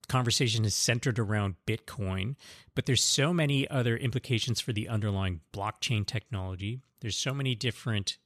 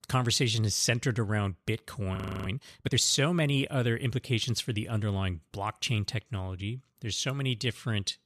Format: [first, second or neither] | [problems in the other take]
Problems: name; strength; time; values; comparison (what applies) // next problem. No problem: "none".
first | audio freezing; at 2 s